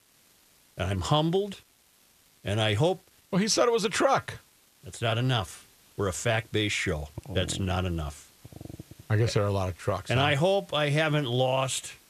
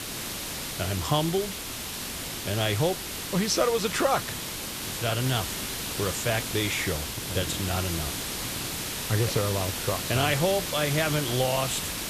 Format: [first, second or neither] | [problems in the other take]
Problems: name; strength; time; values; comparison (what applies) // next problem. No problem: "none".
first | hiss; loud; throughout; 3 dB below the speech; faint in the first